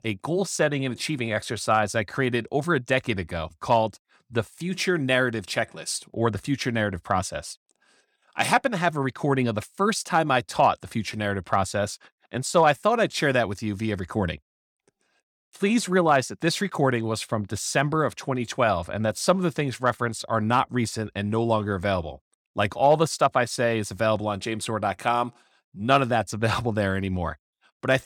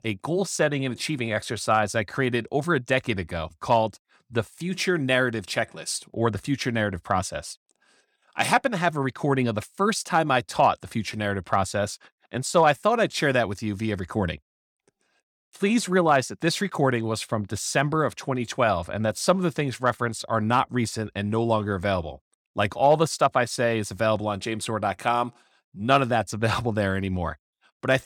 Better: neither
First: none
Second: none

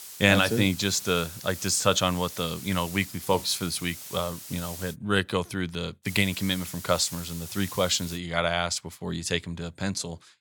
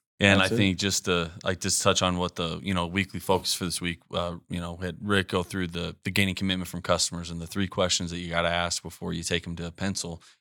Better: second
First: hiss; noticeable; until 5 s and from 6 to 8 s; 10 dB below the speech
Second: none

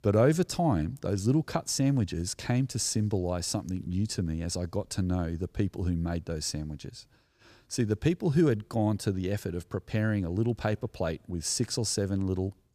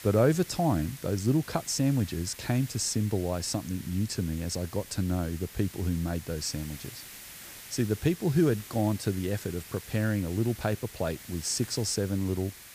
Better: first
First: none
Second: hiss; noticeable; throughout; 15 dB below the speech

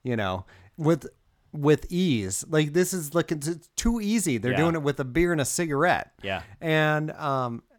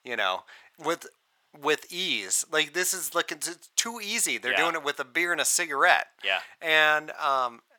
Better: first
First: none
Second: thin; very; fading below 800 Hz

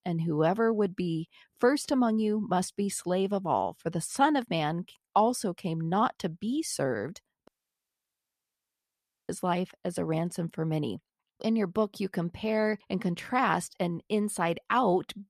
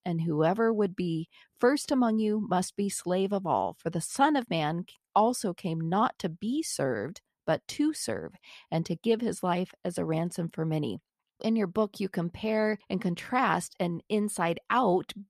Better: second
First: audio cutting out; at 7.5 s for 2 s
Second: none

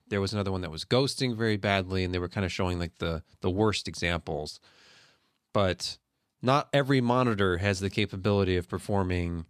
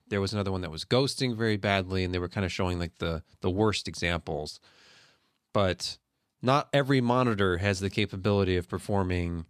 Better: neither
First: none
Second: none

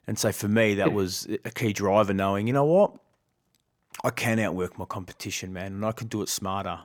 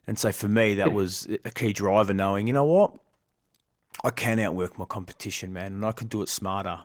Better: first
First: none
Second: garbled, watery; slightly

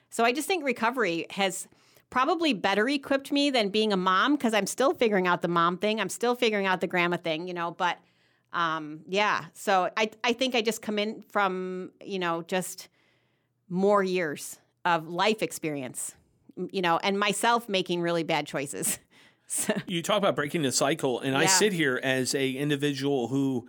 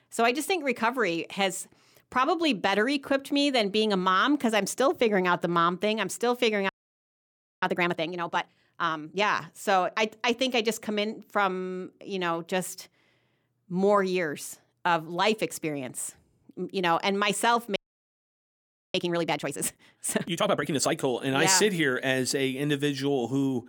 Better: first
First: none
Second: audio freezing; at 6.5 s for 1 s and at 18 s for 1 s

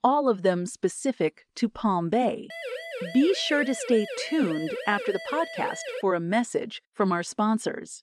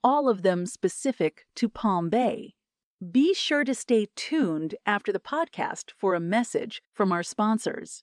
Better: second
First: siren; noticeable; from 2.5 to 6 s; peak 8 dB below the speech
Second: none

